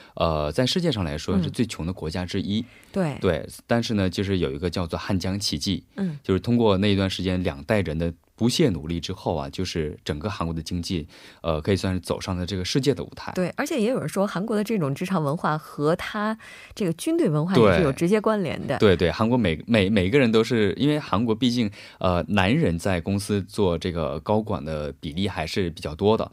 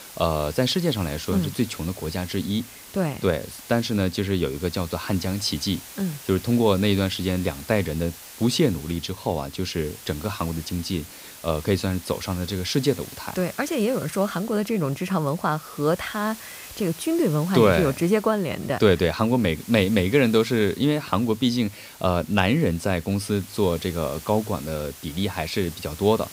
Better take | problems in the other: first | hiss; noticeable; throughout; 15 dB below the speech

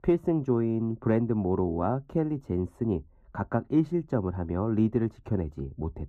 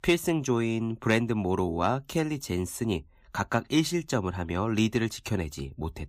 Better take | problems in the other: second | muffled; very; fading above 1.5 kHz

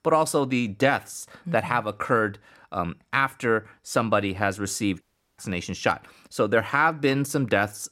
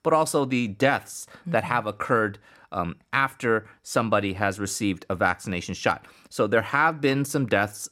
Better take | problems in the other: second | audio cutting out; at 5 s

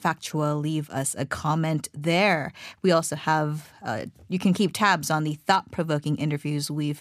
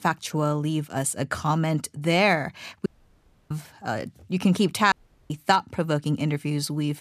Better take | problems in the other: first | audio cutting out; at 3 s for 0.5 s and at 5 s

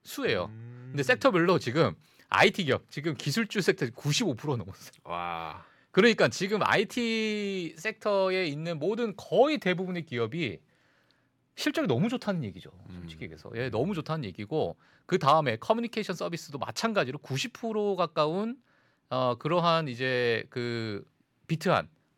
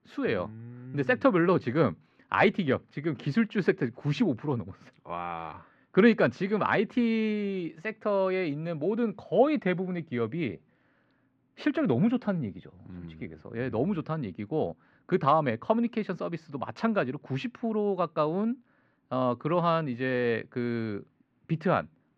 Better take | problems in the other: first | muffled; slightly; fading above 2 kHz

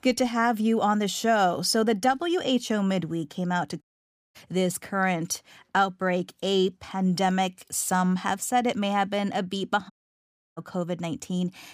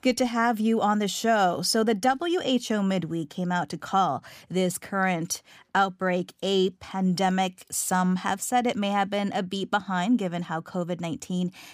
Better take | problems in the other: second | audio cutting out; at 4 s for 0.5 s and at 10 s for 0.5 s

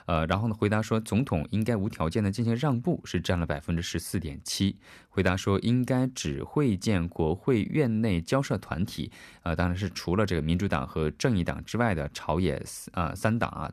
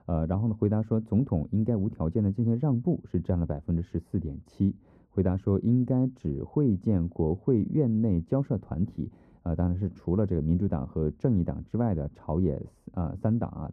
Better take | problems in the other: first | muffled; very; fading above 1 kHz

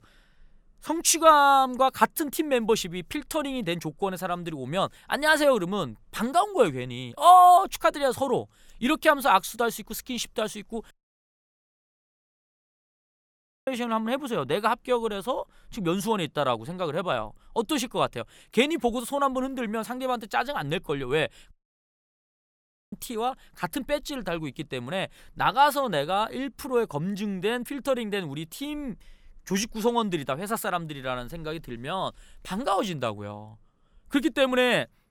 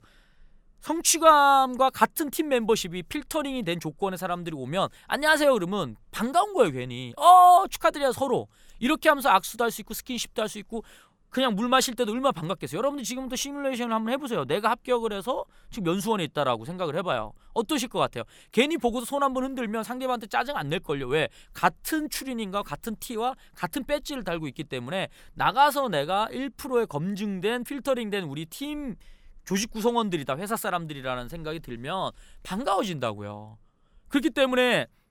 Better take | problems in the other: second | audio cutting out; at 11 s for 3 s and at 22 s for 1.5 s

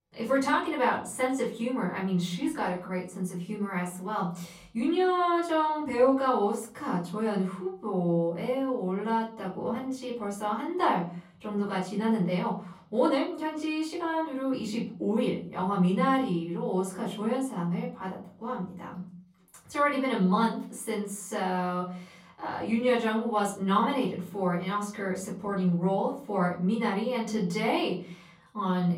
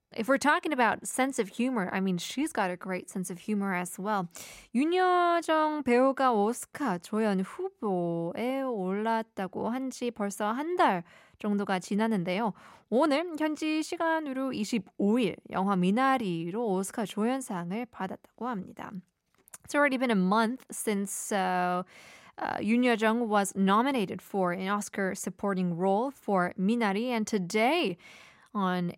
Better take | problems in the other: second | off-mic speech; far // room echo; slight; dies away in 0.6 s

